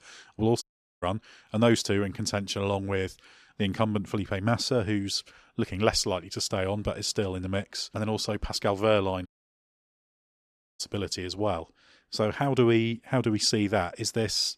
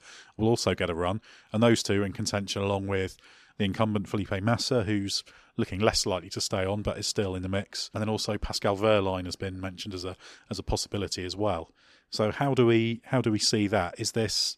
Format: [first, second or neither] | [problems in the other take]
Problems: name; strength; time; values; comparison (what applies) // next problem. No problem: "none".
second | audio cutting out; at 0.5 s and at 9.5 s for 1.5 s